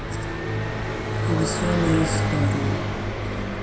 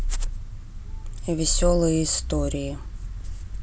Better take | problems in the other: second | background sound (Car passing by); 4 dB above the speech // room echo; dies away in 0.7 s

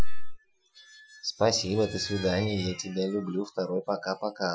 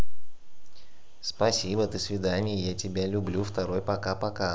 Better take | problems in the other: second | noise reduction (classical method Wiener filter)

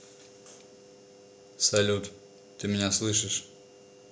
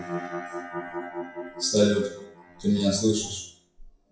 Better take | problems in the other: first | noise reduction (classical method WPE with log-MMSE)

